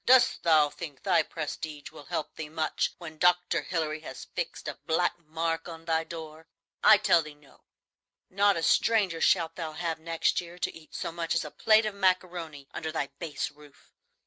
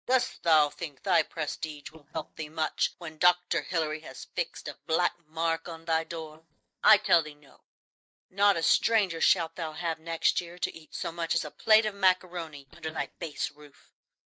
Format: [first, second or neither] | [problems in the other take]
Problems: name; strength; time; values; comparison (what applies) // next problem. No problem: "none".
first | noise reduction (neural mask model DeepFilterNet 3)